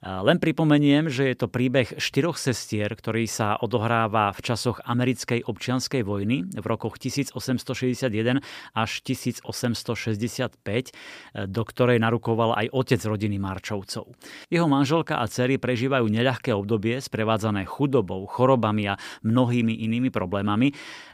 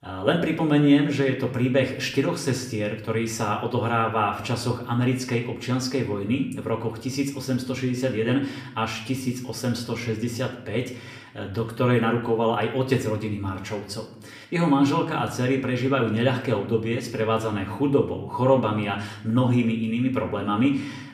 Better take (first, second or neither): first